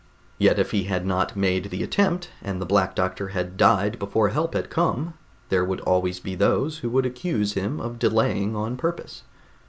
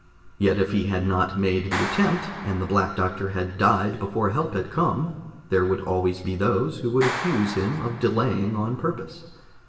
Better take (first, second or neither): first